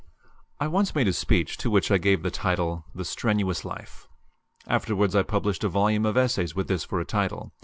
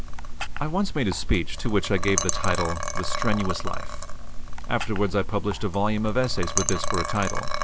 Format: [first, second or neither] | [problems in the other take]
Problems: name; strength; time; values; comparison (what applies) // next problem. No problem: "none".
first | background sound (Liquid); 1 dB above the speech